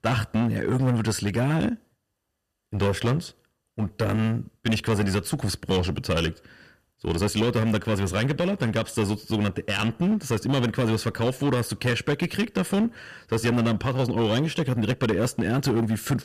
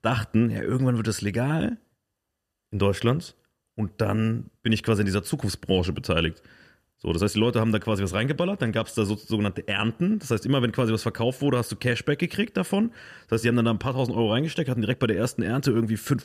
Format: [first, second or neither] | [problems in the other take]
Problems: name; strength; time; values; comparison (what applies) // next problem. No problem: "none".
second | distortion; slight; 11% of the sound clipped